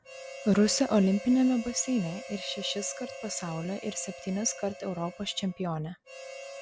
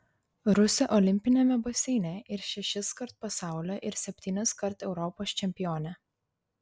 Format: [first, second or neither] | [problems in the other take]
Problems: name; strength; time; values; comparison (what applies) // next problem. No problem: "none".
second | background sound (Harmonica); 14 dB below the speech